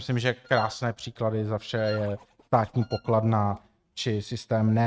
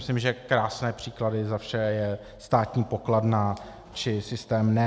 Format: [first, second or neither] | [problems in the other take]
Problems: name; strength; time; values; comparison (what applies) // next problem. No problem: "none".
second | noise reduction (neural mask model RNNoise)